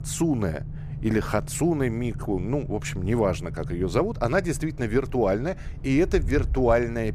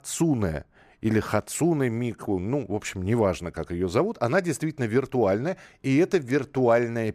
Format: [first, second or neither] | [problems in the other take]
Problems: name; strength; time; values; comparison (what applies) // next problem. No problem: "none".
second | low rumble; faint; throughout; 20 dB below the speech